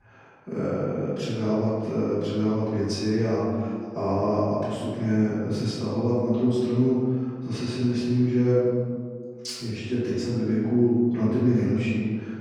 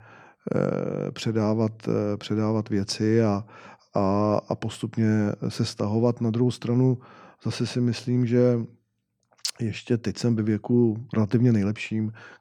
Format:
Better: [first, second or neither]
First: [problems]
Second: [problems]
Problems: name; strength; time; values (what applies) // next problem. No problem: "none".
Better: second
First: room echo; strong; dies away in 1.6 s // off-mic speech; far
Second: none